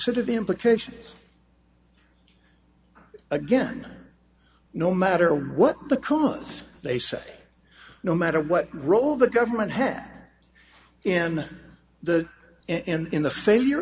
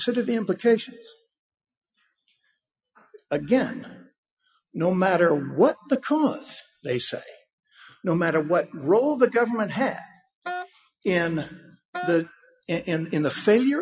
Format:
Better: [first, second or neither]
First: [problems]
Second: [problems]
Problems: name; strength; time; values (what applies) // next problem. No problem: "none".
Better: first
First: none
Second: noise reduction (classical method Wiener filter)